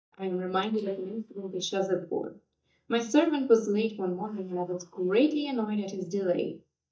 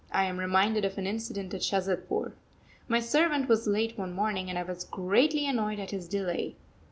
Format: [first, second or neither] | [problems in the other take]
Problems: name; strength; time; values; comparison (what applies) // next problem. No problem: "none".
second | noise reduction (neural mask model DeepFilterNet 3)